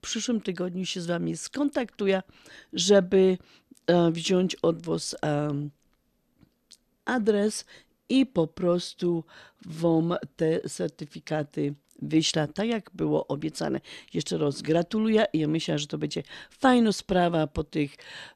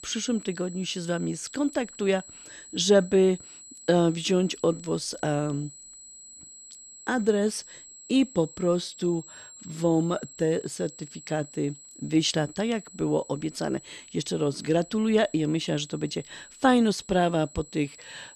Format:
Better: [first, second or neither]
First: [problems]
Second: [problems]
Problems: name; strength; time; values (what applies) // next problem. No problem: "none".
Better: first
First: none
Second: high-pitched whine; noticeable; throughout; 7.5 kHz, 20 dB below the speech